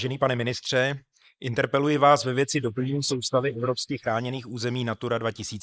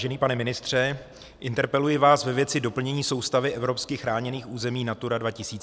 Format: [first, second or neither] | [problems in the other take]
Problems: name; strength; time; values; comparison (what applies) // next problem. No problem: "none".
second | noise reduction (neural mask model Resemble Enhance denoiser)